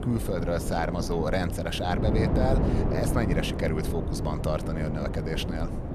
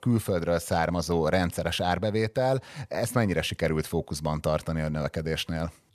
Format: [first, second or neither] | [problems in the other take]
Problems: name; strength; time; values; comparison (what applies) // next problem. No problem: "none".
second | wind noise on the microphone; heavy; 4 dB below the speech